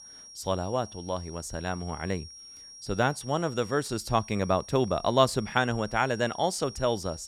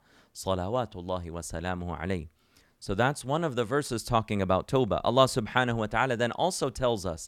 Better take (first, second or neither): second